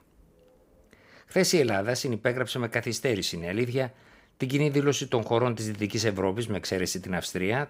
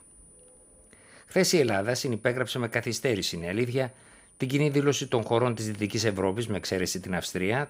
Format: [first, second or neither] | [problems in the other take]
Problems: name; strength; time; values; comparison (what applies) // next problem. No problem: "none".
first | high-pitched whine; faint; throughout; 9.5 kHz, 25 dB below the speech